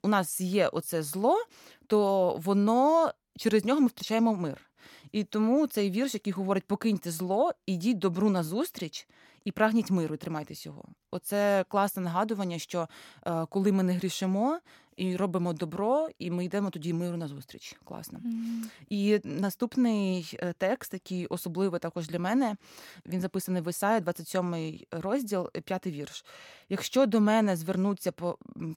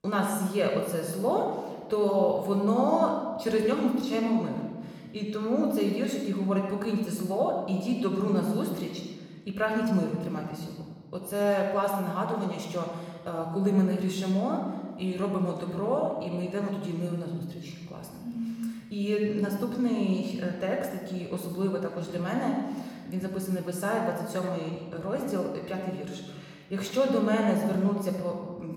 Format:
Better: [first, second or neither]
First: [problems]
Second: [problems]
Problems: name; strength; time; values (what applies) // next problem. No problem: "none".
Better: first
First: none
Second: off-mic speech; somewhat distant // room echo; noticeable; dies away in 1.3 s